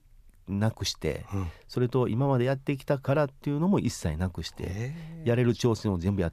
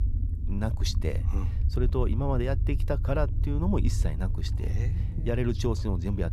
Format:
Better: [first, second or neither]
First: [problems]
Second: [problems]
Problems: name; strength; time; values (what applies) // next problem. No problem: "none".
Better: first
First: none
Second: low rumble; noticeable; throughout; 10 dB below the speech